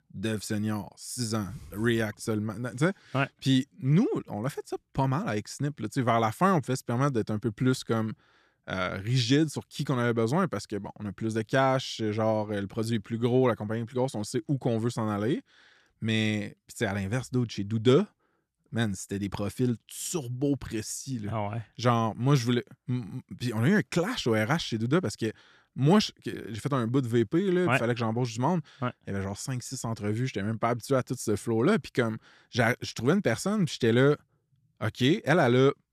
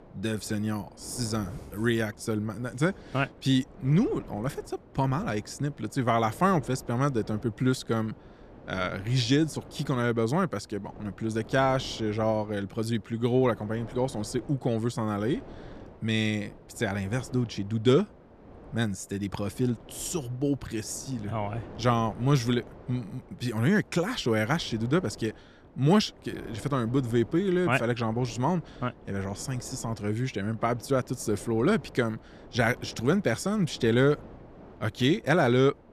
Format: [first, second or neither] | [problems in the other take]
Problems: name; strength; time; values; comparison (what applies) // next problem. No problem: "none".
first | wind noise on the microphone; occasional gusts; 20 dB below the speech